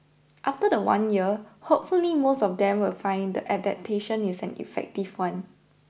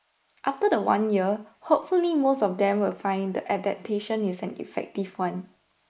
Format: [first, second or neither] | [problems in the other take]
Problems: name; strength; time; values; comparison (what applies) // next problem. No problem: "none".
first | noise reduction (neural mask model Resemble Enhance denoiser)